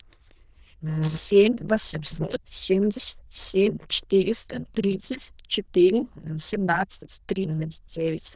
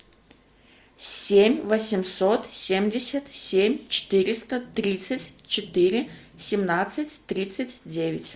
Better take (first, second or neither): second